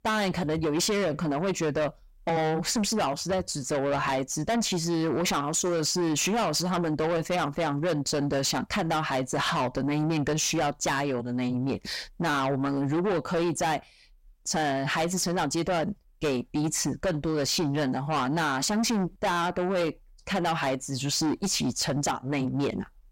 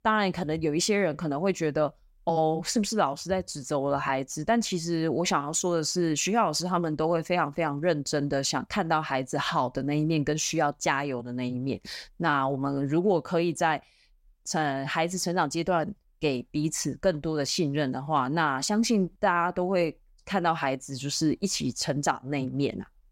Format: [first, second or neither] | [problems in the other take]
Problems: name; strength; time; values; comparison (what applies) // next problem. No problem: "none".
second | distortion; heavy; 7 dB below the speech